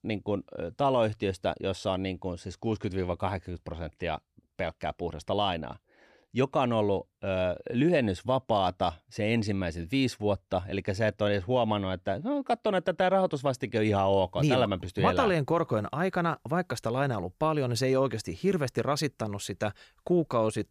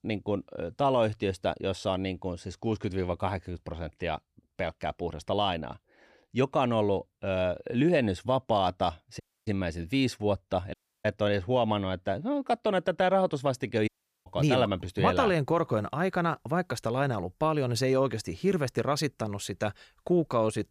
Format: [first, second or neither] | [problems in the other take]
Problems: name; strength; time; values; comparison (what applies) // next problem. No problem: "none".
first | audio cutting out; at 9 s, at 11 s and at 14 s